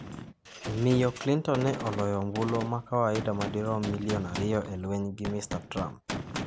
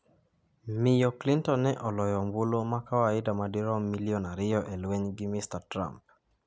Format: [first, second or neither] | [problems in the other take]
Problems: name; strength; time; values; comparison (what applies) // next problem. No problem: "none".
second | background sound (Gunshot, gunfire); 9 dB below the speech